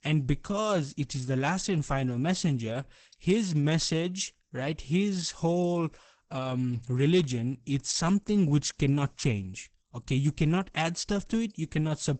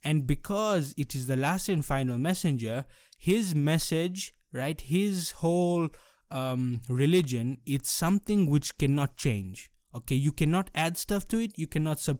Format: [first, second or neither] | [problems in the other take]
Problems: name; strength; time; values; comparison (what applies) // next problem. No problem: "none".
second | garbled, watery; badly; nothing above 8 kHz; slightly in the second